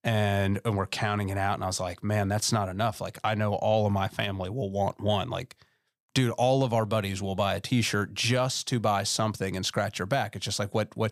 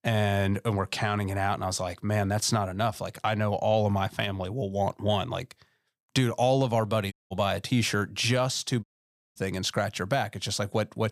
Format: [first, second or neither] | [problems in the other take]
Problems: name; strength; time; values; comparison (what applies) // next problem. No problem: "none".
first | audio cutting out; at 7 s and at 9 s for 0.5 s